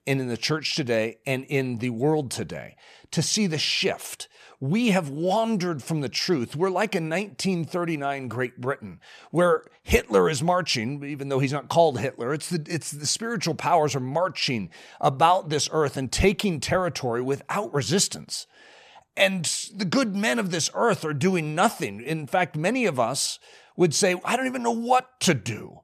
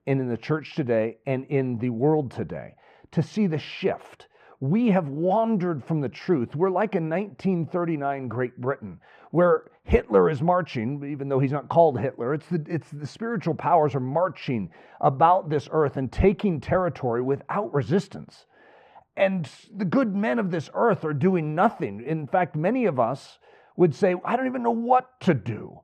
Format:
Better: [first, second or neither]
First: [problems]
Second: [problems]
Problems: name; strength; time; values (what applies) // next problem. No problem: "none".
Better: first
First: none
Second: muffled; very; fading above 3.5 kHz